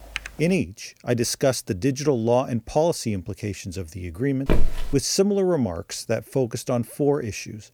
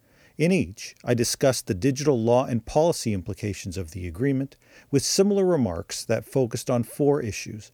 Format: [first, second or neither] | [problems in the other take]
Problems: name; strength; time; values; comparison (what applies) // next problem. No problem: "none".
second | keyboard typing; noticeable; at the start; peak 9 dB below the speech // footsteps; noticeable; at 4.5 s; peak 1 dB below the speech